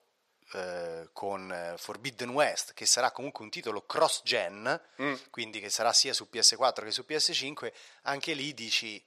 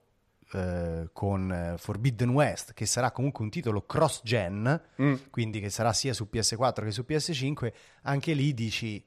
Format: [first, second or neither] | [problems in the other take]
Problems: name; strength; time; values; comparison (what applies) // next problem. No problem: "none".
second | thin; very; fading below 500 Hz